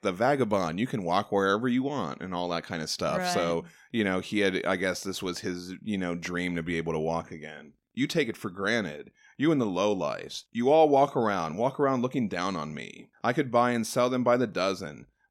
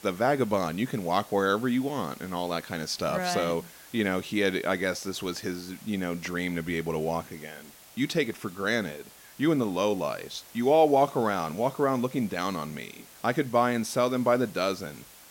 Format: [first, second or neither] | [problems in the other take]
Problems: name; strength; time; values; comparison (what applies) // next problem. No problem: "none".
first | hiss; faint; throughout; 20 dB below the speech